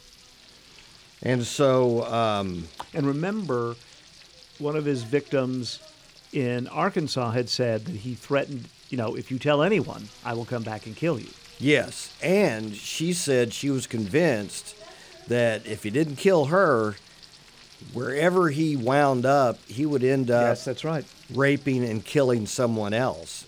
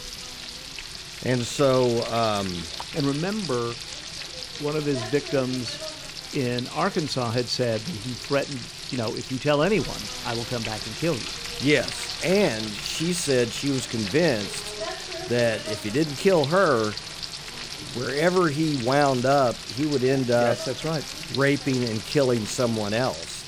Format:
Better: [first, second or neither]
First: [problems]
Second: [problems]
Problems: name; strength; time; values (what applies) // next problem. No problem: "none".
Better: first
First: household noises; faint; throughout; 20 dB below the speech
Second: household noises; loud; throughout; 8 dB below the speech